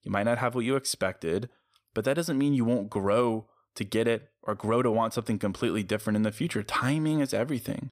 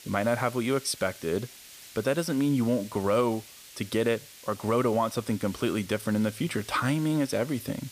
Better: first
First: none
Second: hiss; noticeable; throughout; 15 dB below the speech

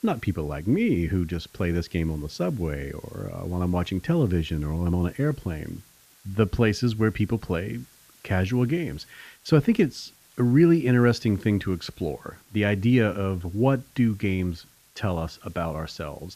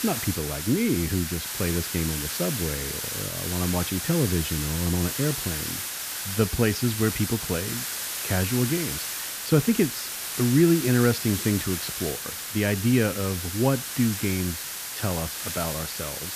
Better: first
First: hiss; faint; throughout; 30 dB below the speech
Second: hiss; loud; throughout; 3 dB below the speech

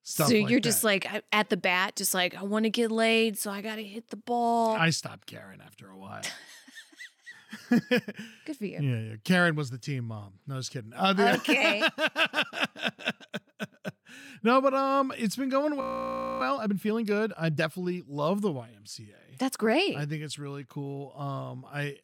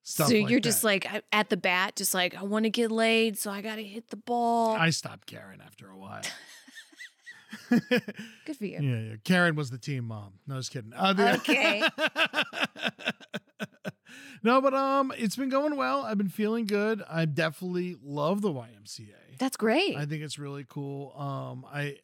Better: second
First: audio freezing; at 16 s for 0.5 s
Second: none

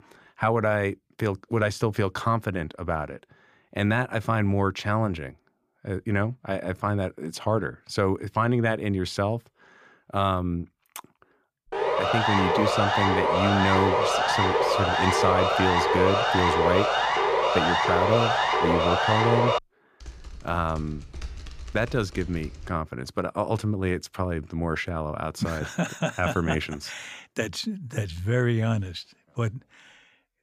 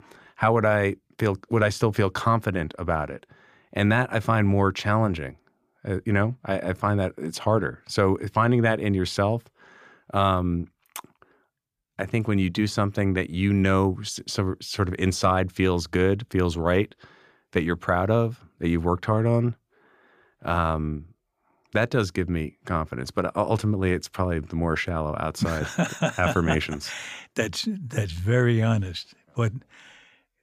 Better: second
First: siren; loud; from 12 to 20 s; peak 5 dB above the speech // keyboard typing; faint; from 20 to 23 s; peak 10 dB below the speech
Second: none

